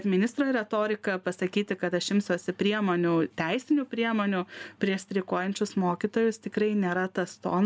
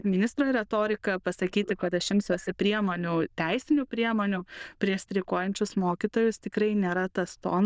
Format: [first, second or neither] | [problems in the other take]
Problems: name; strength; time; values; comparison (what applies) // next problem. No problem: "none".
first | noise reduction (neural diffusion model UNIVERSE++)